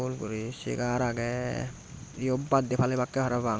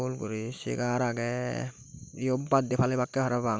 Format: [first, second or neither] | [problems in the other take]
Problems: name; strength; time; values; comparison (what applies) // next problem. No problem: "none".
second | background sound (Thunder / Rain); 17 dB below the speech